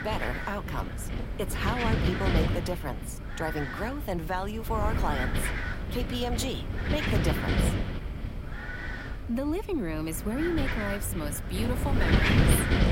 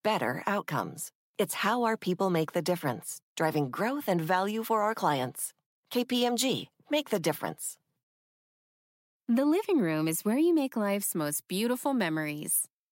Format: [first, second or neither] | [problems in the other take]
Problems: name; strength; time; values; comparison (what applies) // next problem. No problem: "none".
second | wind noise on the microphone; heavy; as loud as the speech